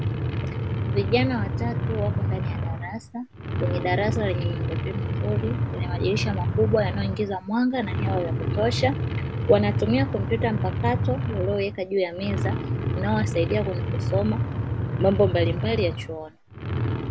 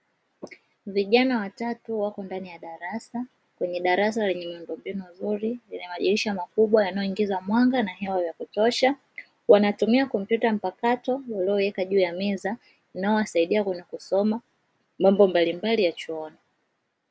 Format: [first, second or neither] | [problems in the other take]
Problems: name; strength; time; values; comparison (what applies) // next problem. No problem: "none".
second | background sound (Truck); 1 dB above the speech